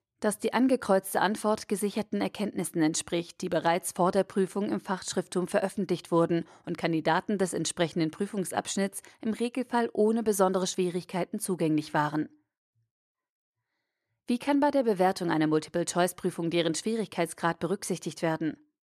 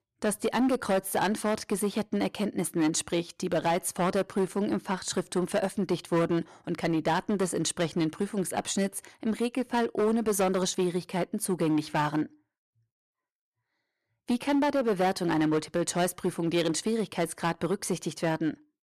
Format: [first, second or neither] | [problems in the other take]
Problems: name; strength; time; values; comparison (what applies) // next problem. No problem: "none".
first | distortion; slight; 8% of the sound clipped